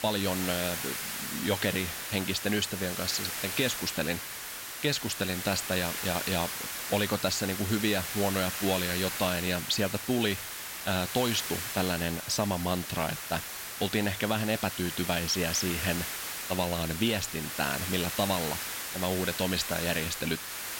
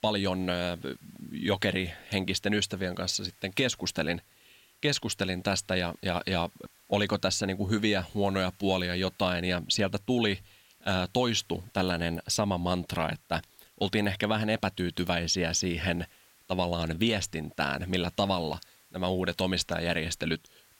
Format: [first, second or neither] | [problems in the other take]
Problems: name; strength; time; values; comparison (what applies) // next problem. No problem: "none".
second | hiss; loud; throughout; 4 dB below the speech; faint in the second